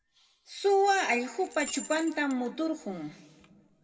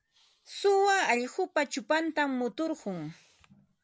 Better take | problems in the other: second | background sound (Rattle / Keys jangling); 15 dB below the speech // room echo; dies away in 1.2 s

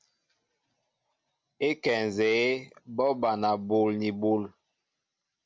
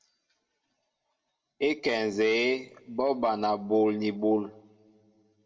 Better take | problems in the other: first | room echo; dies away in 0.2 s

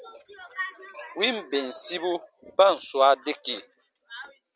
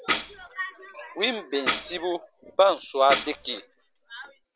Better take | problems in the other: first | background sound (Tambourine); 7 dB below the speech

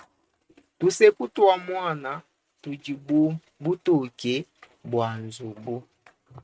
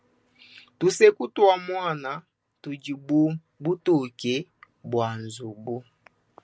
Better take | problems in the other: second | noise reduction (neural mask model RNNoise)

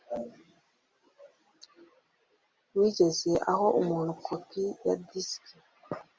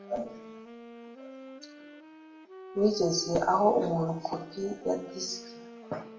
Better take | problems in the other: first | background sound (Wind instrument, woodwind instrument); 16 dB below the speech // room echo; dies away in 0.5 s

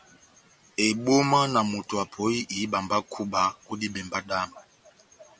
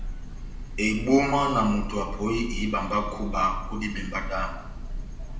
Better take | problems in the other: first | background sound (Bird / Breathing); 6 dB below the speech // room echo; dies away in 0.7 s

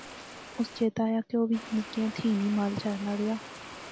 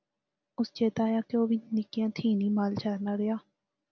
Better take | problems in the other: second | background sound (Water); 14 dB below the speech

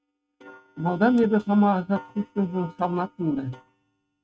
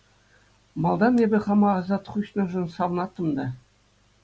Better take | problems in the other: second | noise reduction (neural mask model RNNoise)

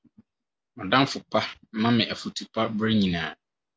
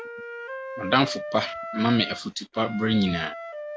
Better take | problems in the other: first | background sound (Wind instrument, woodwind instrument); 10 dB below the speech

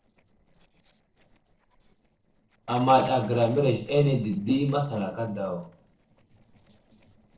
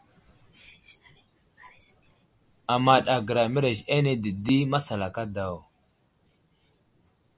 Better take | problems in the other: second | noise reduction (neural separator model SepFormer DNS4)

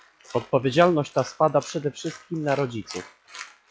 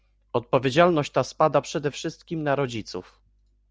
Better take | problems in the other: second | noise reduction (classical method log-MMSE)

